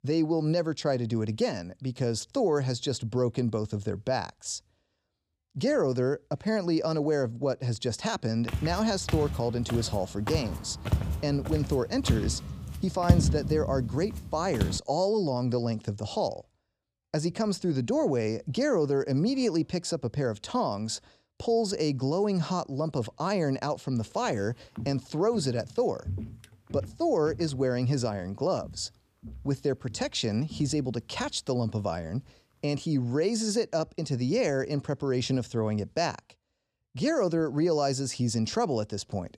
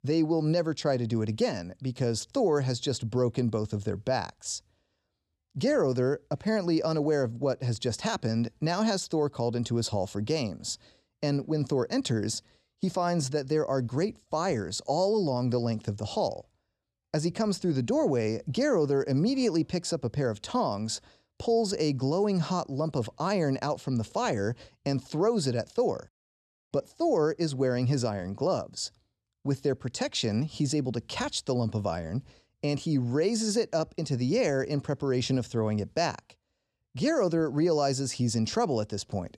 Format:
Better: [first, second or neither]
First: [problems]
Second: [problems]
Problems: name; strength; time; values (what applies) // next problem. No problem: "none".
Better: second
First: footsteps; loud; from 8.5 to 15 s; peak 5 dB above the speech // footsteps; noticeable; from 25 to 31 s; peak 8 dB below the speech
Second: none